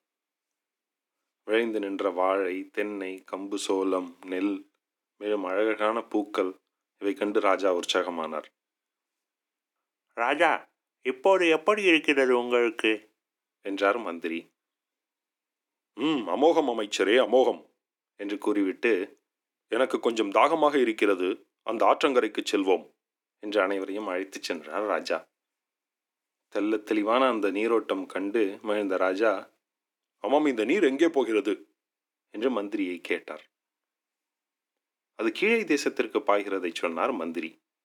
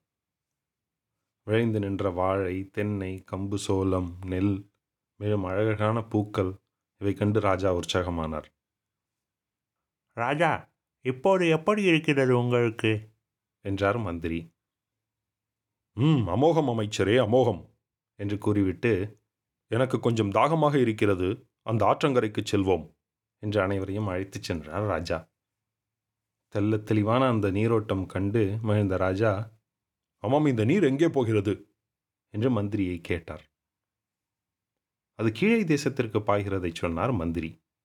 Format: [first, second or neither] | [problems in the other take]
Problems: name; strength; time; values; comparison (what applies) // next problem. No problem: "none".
second | thin; somewhat; fading below 300 Hz